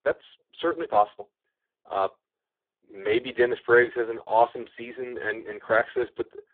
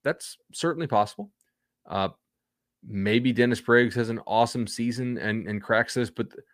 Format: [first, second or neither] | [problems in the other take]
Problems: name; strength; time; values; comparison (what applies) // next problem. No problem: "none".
second | phone-call audio; poor line